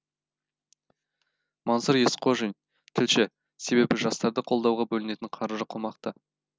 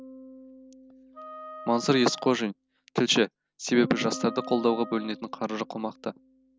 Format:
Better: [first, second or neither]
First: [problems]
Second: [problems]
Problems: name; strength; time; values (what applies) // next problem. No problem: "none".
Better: first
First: none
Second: background sound (Wind instrument, woodwind instrument + Bass guitar); 15 dB below the speech